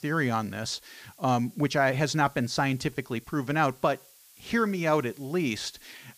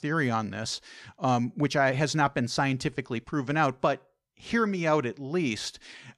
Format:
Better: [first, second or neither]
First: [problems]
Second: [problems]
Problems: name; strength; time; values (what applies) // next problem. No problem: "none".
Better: second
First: hiss; faint; throughout; 25 dB below the speech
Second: none